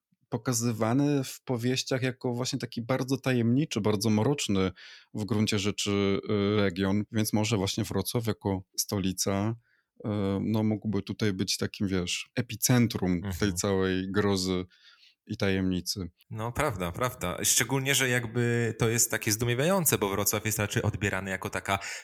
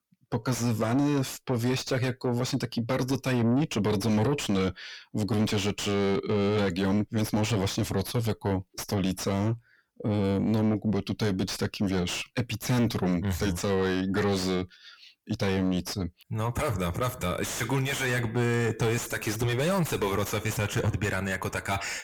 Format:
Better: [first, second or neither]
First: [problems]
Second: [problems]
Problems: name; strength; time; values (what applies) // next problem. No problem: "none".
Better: first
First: none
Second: distortion; heavy; 6 dB below the speech